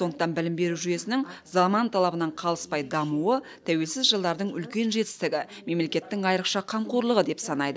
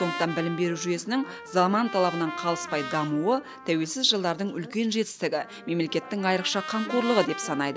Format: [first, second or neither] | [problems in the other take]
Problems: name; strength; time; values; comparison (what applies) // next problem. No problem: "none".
first | background sound (Trumpet); 12 dB below the speech